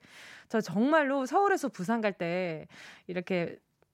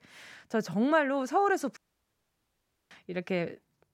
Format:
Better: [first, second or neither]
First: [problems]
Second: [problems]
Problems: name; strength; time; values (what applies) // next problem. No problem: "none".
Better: first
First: none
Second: audio cutting out; at 2 s for 1 s